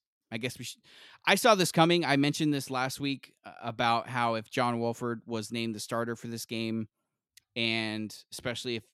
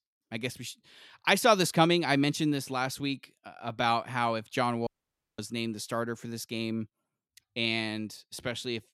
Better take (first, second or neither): first